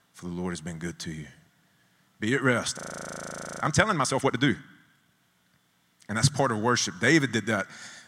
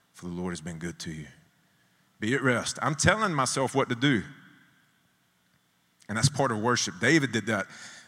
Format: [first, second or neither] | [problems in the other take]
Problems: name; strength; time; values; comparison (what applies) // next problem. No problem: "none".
second | audio freezing; at 3 s for 1 s